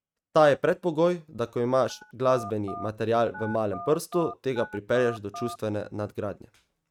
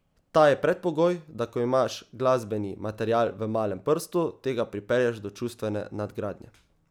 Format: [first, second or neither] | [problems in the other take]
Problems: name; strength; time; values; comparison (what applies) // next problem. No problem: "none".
second | noise reduction (neural mask model RNNoise)